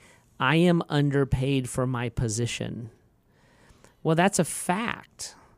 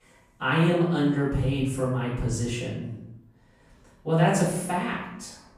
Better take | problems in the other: first | off-mic speech; far // room echo; noticeable; dies away in 0.8 s

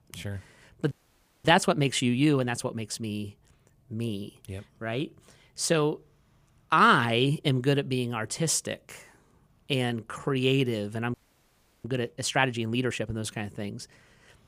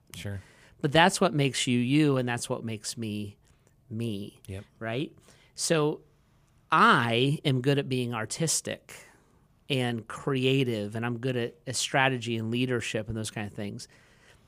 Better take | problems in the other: second | audio freezing; at 1 s for 0.5 s and at 11 s for 0.5 s

